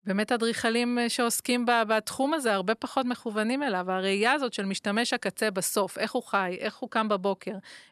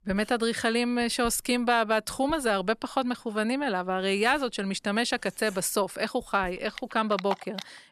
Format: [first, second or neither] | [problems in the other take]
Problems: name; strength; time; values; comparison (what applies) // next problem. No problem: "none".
first | household noises; noticeable; throughout; 15 dB below the speech